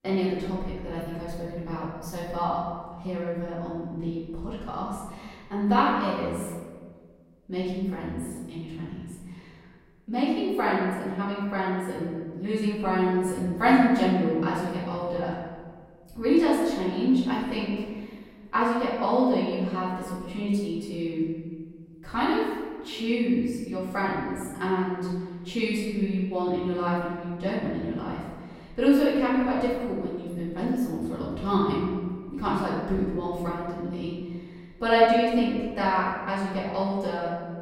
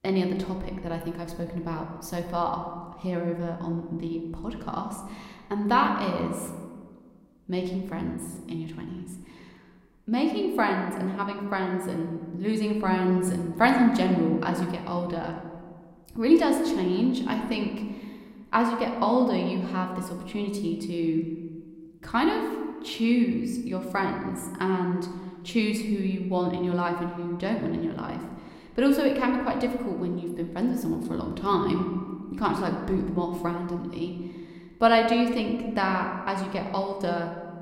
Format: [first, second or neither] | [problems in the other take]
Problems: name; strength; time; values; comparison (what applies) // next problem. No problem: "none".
second | room echo; strong; dies away in 1.5 s; slight in the second // off-mic speech; far